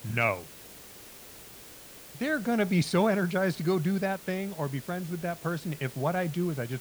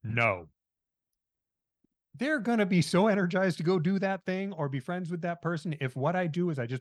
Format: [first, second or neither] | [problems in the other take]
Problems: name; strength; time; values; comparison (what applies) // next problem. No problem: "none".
second | hiss; noticeable; throughout; 15 dB below the speech